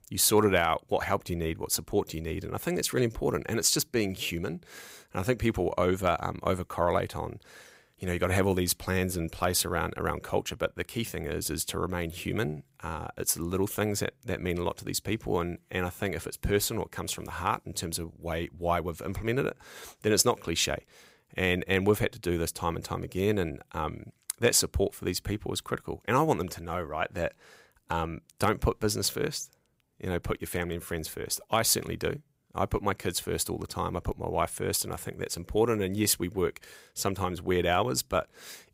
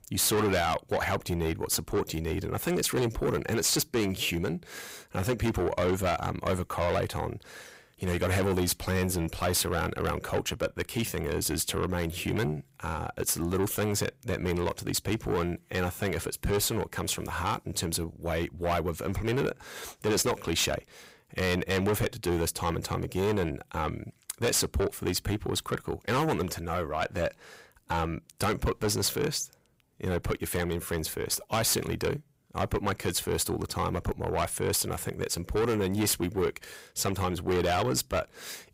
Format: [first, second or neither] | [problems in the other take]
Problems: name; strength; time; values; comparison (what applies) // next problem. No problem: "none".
first | distortion; heavy; 7 dB below the speech